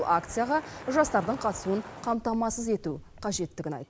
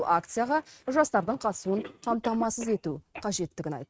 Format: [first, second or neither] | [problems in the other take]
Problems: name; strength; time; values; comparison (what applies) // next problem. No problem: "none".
first | noise reduction (neural mask model RNNoise)